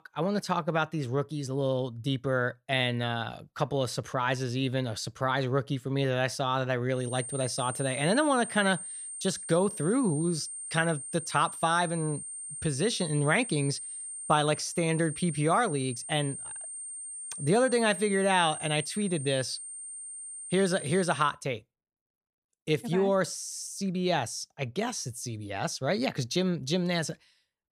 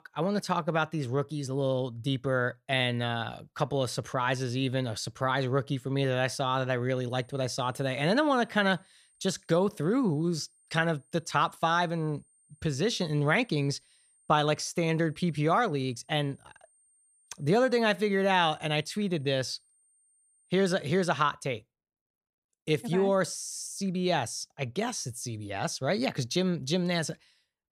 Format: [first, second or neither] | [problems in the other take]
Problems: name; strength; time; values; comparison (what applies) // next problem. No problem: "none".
second | high-pitched whine; loud; from 7 to 21 s; 8.5 kHz, 8 dB below the speech; faint in the second